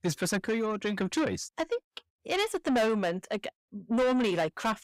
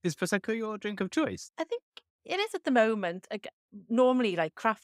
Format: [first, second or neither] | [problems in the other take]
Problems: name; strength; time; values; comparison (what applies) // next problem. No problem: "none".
second | distortion; heavy; 7 dB below the speech